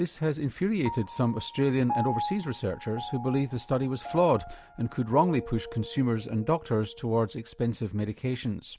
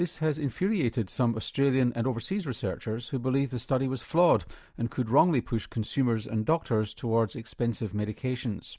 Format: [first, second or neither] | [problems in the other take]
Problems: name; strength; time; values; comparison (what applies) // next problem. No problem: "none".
second | background sound (Piano); 12 dB below the speech